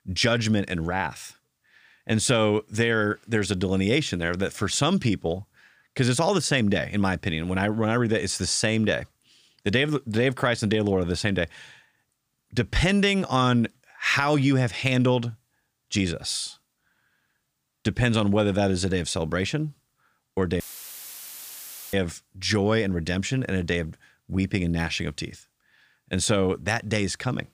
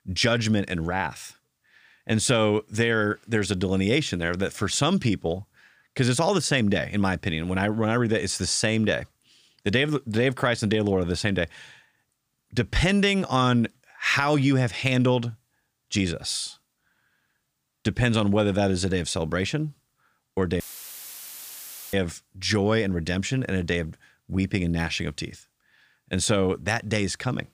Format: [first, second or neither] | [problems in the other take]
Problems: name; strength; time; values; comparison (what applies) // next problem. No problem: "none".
neither | audio cutting out; filled with static; at 21 s for 1.5 s; the same in both